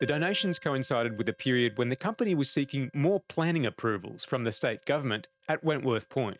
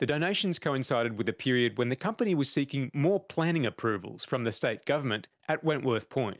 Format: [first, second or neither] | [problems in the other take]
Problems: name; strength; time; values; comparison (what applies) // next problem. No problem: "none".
second | noise reduction (neural mask model RNNoise)